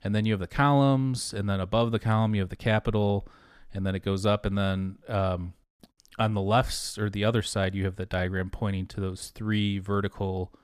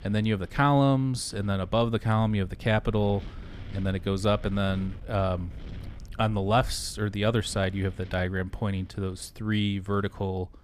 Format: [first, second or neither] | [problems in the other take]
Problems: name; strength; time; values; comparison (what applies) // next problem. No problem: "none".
first | wind noise on the microphone; occasional gusts; 25 dB below the speech